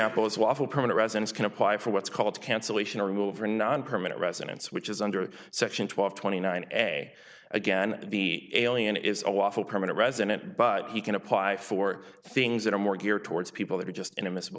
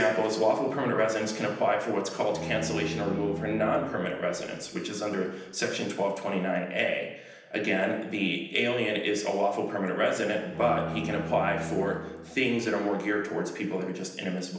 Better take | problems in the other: first | background sound (Bowed string instrument); 10 dB below the speech // room echo; dies away in 0.9 s

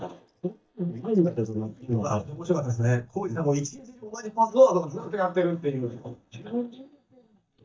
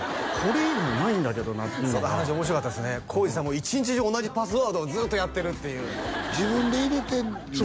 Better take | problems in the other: second | noise reduction (neural mask model DeepFilterNet 3)

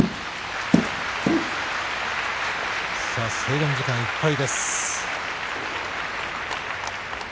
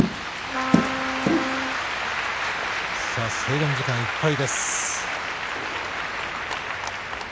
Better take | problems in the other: first | background sound (Trumpet); 6 dB below the speech

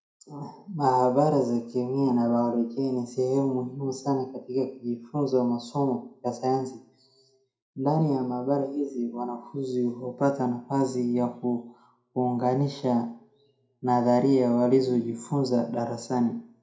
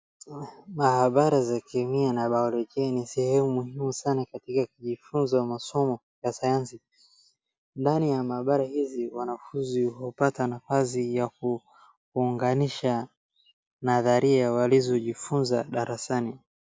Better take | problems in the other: second | room echo; dies away in 0.4 s

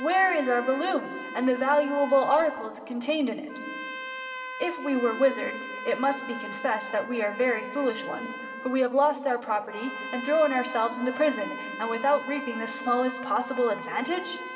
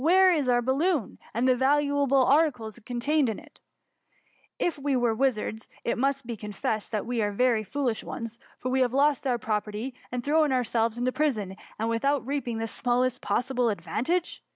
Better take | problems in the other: second | background sound (Trumpet); 11 dB below the speech // room echo; dies away in 2.3 s

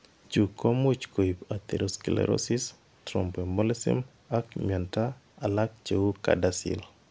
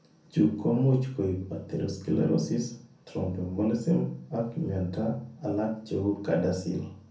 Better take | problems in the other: first | room echo; dies away in 0.6 s

